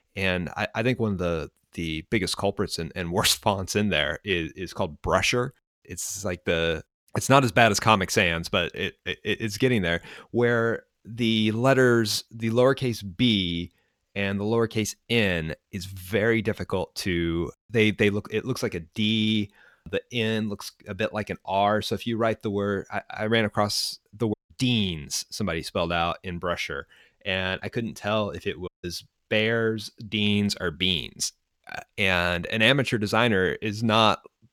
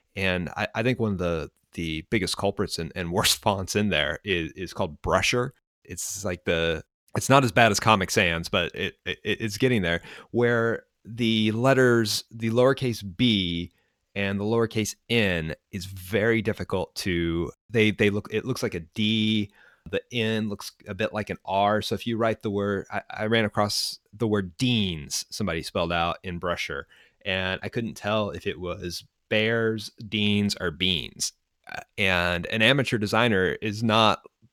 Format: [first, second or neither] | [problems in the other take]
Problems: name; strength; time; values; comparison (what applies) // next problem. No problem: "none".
second | audio cutting out; at 24 s and at 29 s